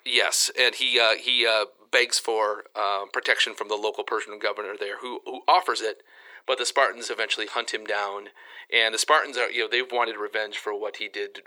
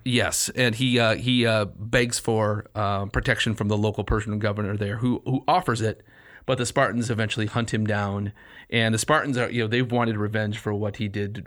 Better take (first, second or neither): second